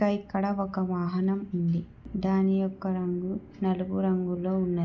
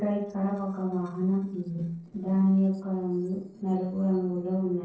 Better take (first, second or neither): first